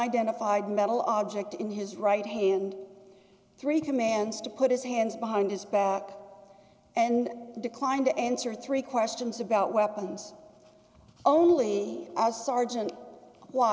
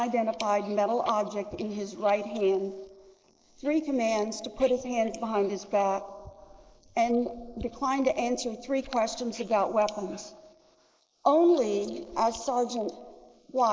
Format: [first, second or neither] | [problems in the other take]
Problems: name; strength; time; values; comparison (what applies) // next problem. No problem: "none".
first | noise reduction (neural mask model Resemble Enhance denoiser)